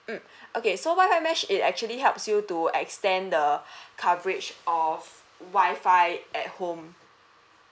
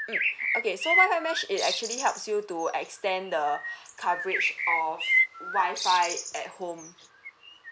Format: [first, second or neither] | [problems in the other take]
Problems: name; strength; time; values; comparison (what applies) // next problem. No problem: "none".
first | background sound (Bird); 1 dB below the speech